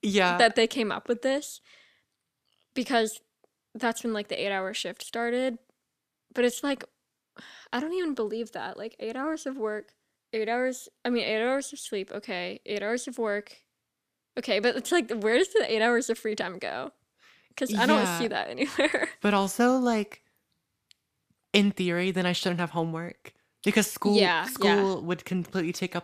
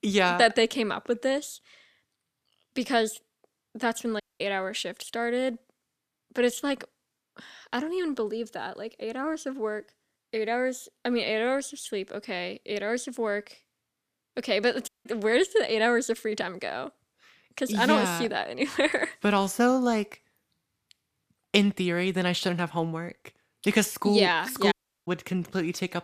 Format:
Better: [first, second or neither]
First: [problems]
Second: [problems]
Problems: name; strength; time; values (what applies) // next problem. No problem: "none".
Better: first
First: none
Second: audio cutting out; at 4 s, at 15 s and at 25 s